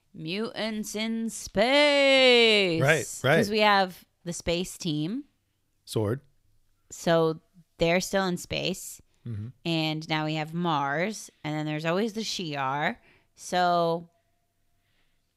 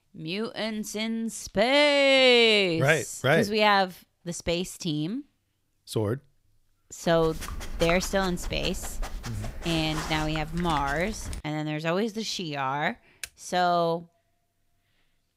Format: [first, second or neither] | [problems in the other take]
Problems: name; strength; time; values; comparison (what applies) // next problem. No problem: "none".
first | dog barking; noticeable; from 7 to 11 s; peak 9 dB below the speech // keyboard typing; very faint; at 13 s; peak 15 dB below the speech